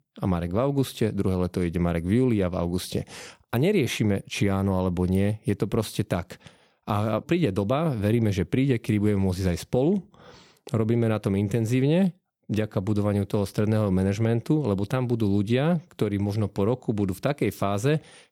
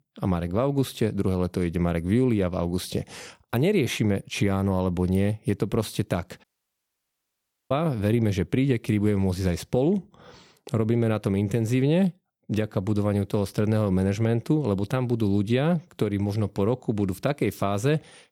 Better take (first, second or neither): first